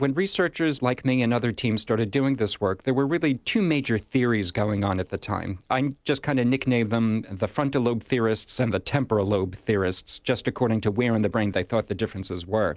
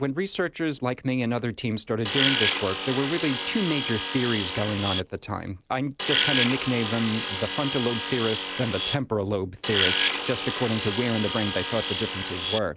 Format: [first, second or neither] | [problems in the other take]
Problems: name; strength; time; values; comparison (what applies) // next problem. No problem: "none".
first | background sound (Tools); 1 dB below the speech